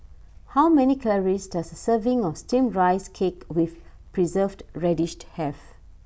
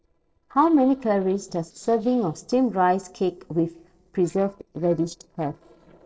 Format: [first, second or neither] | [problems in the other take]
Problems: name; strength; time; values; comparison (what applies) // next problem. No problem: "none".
first | noise reduction (neural separator model SepFormer DNS4)